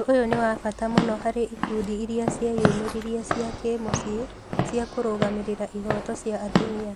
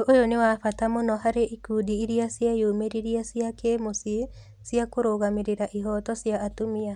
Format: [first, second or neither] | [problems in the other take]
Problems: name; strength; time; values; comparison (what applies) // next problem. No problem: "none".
second | background sound (Walk, footsteps / Siren); 3 dB below the speech